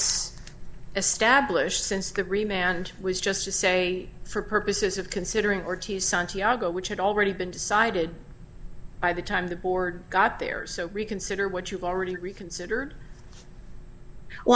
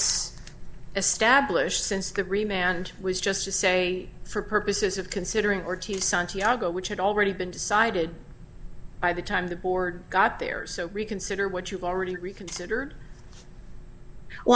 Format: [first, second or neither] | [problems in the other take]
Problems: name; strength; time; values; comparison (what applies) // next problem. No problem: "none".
first | background sound (Tap); 19 dB below the speech